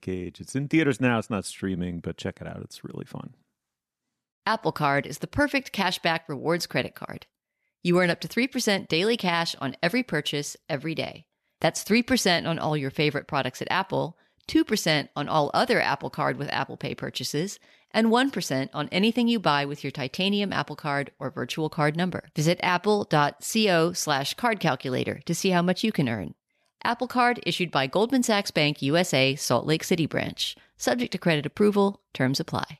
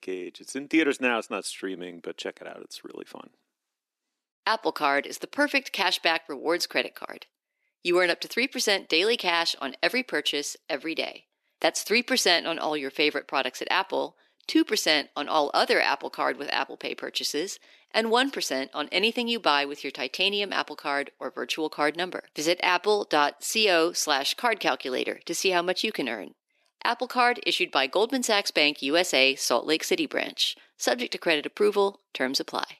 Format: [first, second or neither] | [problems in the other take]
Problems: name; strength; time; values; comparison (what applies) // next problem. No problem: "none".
first | thin; somewhat; fading below 300 Hz